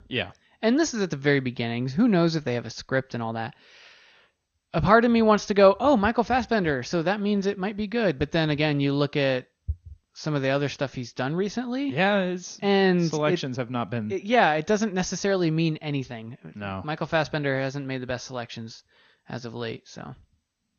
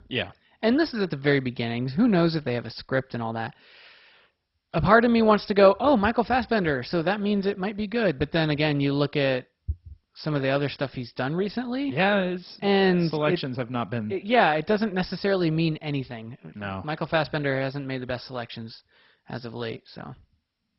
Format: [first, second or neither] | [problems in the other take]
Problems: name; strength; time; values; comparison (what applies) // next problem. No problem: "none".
first | garbled, watery; badly; nothing above 5.5 kHz; slightly in the first